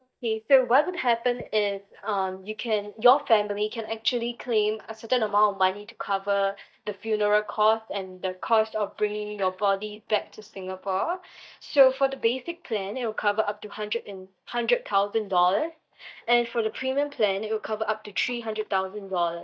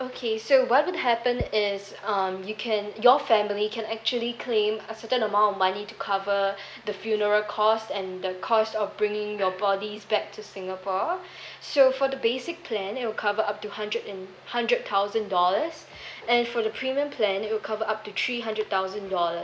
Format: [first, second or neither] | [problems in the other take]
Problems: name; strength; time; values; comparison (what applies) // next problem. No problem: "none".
second | noise reduction (neural mask model DeepFilterNet 3)